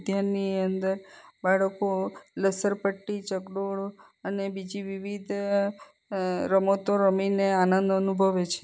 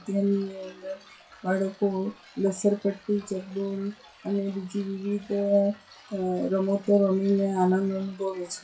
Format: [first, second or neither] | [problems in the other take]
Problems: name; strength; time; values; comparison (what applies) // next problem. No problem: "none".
first | noise reduction (classical method WPE with log-MMSE)